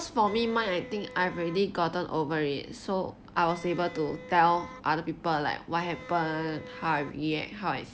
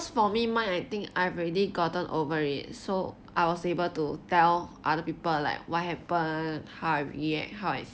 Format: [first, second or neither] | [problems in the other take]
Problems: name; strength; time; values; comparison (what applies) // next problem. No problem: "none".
second | background sound (Wind instrument, woodwind instrument); 17 dB below the speech